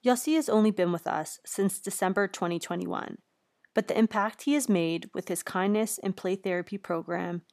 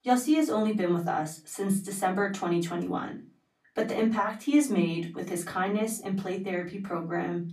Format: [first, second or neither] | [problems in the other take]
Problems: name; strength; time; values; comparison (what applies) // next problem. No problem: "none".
first | off-mic speech; far // room echo; very slight; dies away in 0.3 s